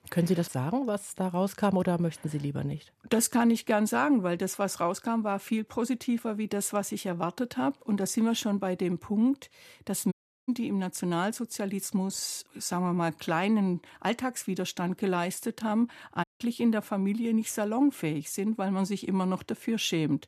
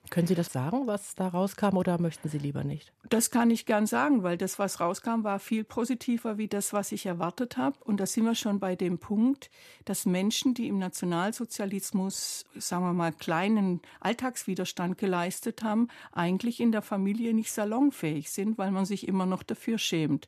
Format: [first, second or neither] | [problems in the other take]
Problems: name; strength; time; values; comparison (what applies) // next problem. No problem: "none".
second | audio cutting out; at 10 s and at 16 s